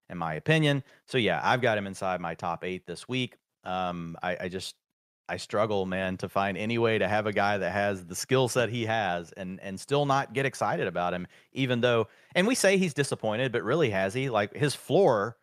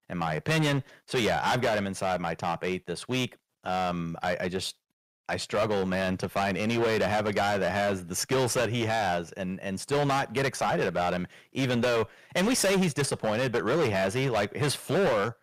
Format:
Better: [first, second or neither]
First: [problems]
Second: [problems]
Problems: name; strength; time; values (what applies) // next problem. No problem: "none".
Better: first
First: none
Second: distortion; heavy; 15% of the sound clipped